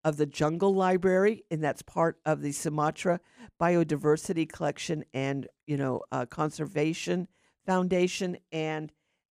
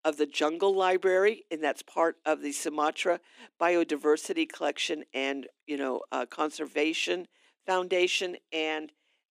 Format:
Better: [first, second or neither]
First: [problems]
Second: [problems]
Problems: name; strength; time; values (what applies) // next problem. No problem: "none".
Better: first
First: none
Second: thin; somewhat; fading below 250 Hz